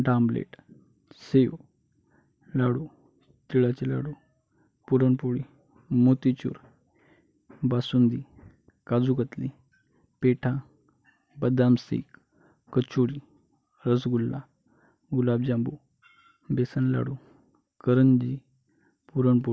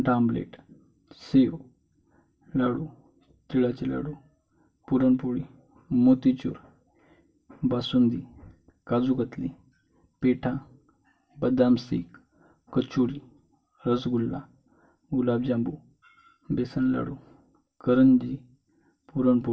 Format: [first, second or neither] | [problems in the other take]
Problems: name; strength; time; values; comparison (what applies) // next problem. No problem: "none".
first | room echo; dies away in 0.2 s